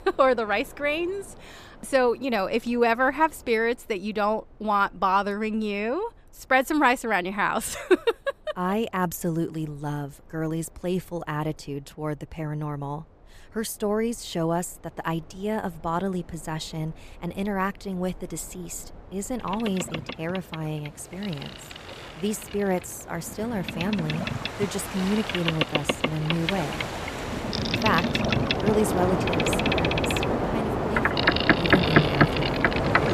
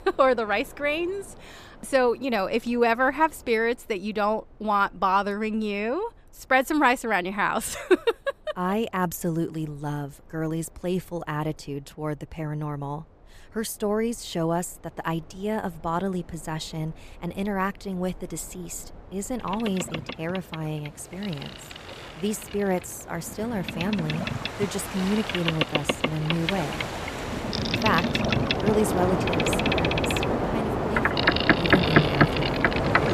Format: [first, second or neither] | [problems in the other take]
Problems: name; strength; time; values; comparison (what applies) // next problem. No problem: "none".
neither | train or aircraft noise; very loud; throughout; 2 dB above the speech; the same in both